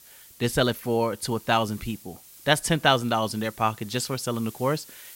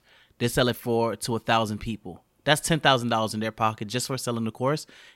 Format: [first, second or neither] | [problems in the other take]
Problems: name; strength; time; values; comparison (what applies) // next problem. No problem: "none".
second | hiss; faint; throughout; 20 dB below the speech